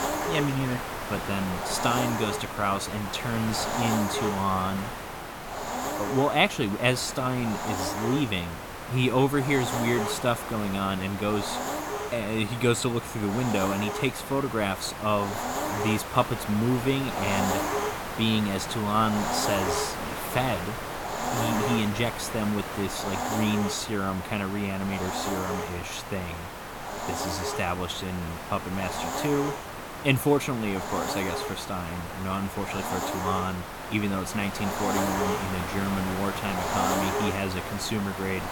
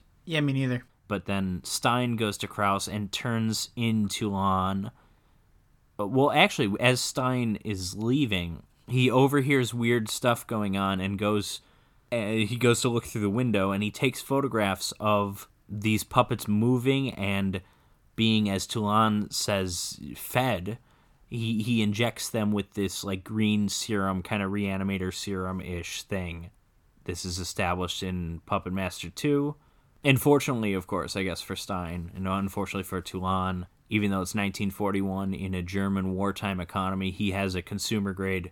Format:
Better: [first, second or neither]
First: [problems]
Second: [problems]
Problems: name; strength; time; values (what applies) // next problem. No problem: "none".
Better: second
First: hiss; loud; throughout; 3 dB below the speech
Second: none